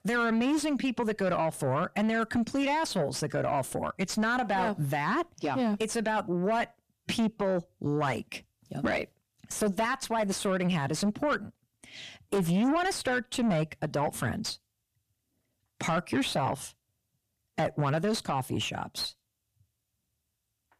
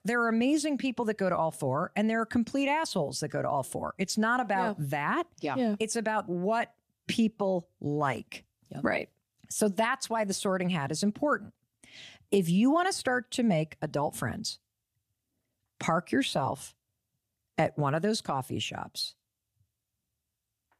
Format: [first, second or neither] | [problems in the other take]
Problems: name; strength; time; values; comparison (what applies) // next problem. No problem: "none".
second | distortion; slight; 10 dB below the speech